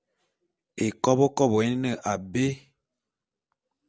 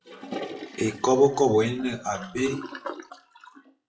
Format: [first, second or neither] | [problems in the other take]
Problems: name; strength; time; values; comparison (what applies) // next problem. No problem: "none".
first | noise reduction (classical method WPE with log-MMSE)